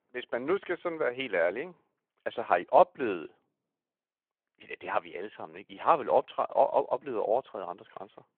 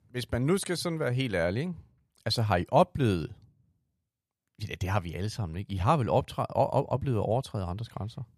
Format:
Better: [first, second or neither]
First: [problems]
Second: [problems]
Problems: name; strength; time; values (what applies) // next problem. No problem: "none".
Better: second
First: phone-call audio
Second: none